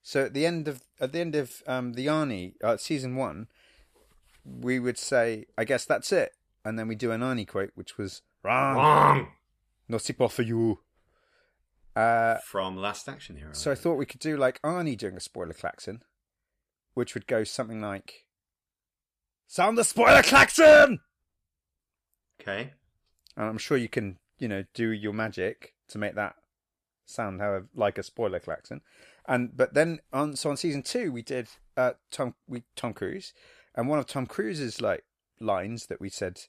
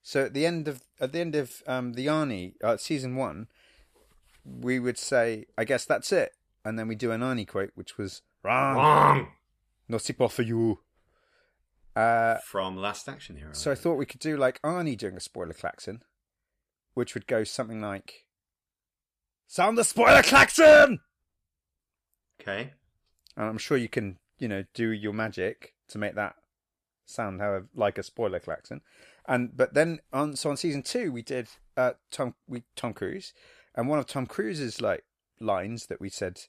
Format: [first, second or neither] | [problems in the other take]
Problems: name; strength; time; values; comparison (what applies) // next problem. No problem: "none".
neither | none